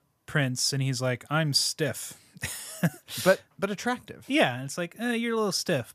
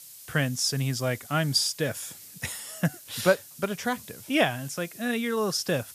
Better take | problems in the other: first | hiss; noticeable; throughout; 15 dB below the speech

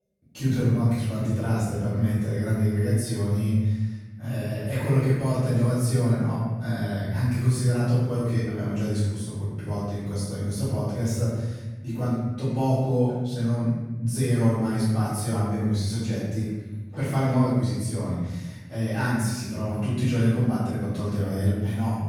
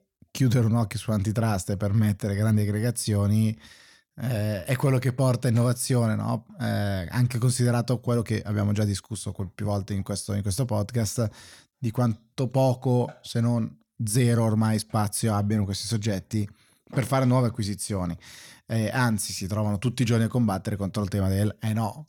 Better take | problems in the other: second | off-mic speech; far // room echo; strong; dies away in 1.3 s

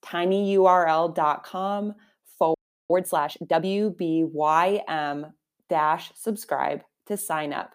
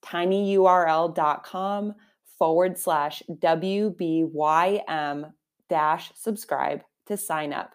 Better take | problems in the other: second | audio freezing; at 2.5 s

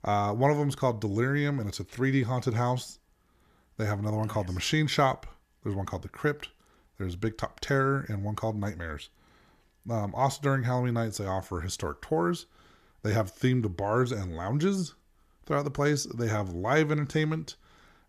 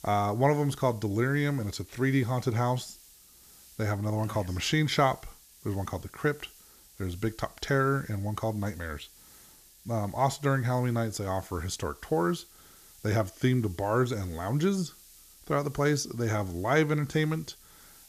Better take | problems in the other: first | hiss; faint; throughout; 25 dB below the speech

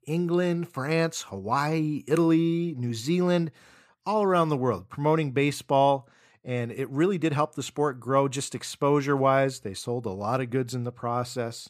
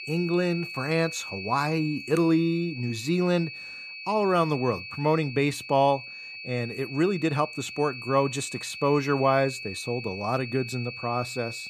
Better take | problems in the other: first | high-pitched whine; loud; throughout; 2.5 kHz, 10 dB below the speech

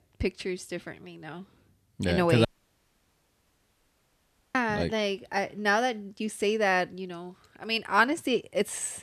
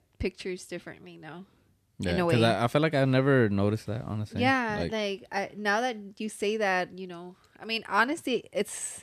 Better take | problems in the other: second | audio cutting out; at 2.5 s for 2 s

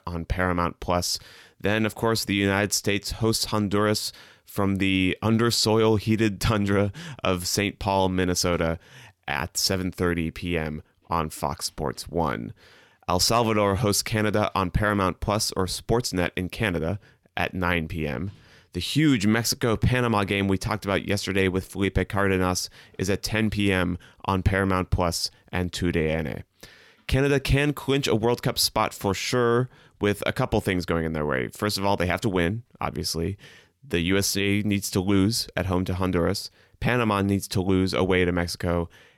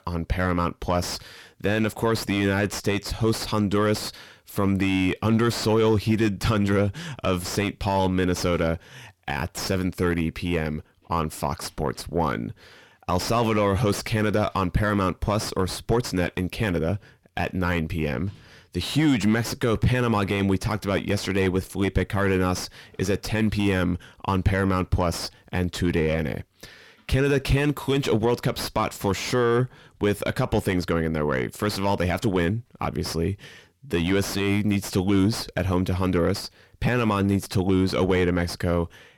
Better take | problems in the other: first | distortion; slight; 10 dB below the speech

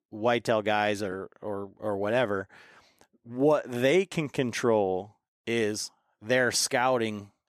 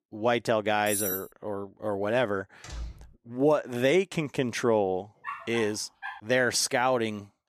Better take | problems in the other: first | clattering dishes; noticeable; at 1 s; peak 2 dB below the speech // door banging; faint; at 2.5 s; peak 15 dB below the speech // dog barking; faint; at 5 s; peak 10 dB below the speech

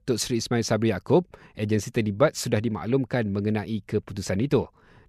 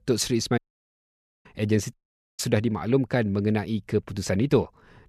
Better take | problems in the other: first | audio cutting out; at 0.5 s for 1 s and at 2 s

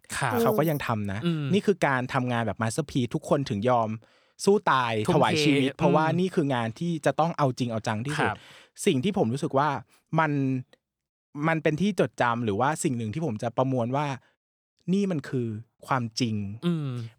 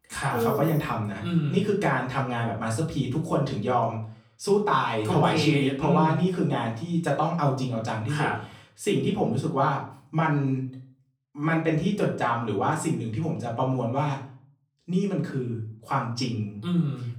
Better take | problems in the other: first | off-mic speech; far // room echo; slight; dies away in 0.4 s

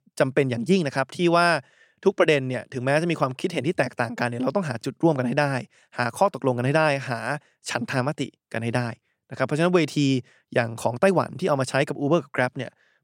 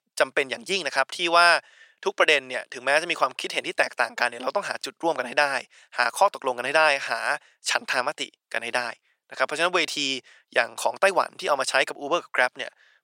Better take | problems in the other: first | thin; very; fading below 750 Hz

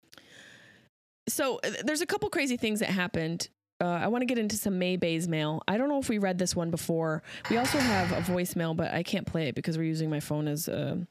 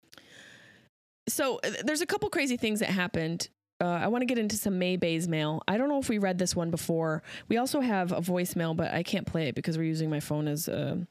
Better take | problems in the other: second | clattering dishes; loud; at 7.5 s; peak level with the speech

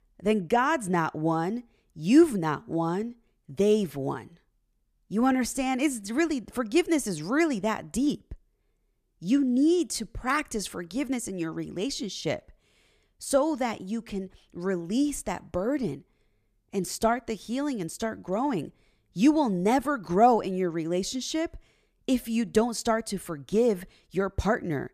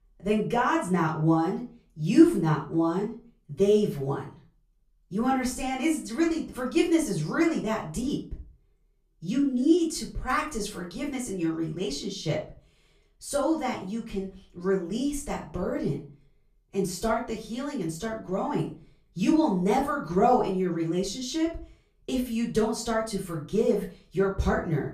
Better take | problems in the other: first | room echo; slight; dies away in 0.3 s // off-mic speech; far

